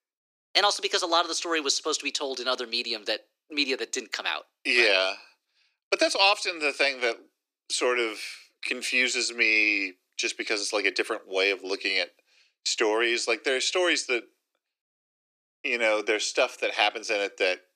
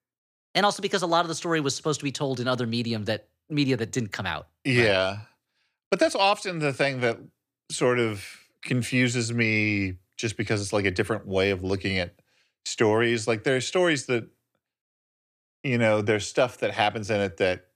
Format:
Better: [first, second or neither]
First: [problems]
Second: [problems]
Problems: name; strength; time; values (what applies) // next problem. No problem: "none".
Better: second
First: thin; somewhat; fading below 300 Hz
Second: none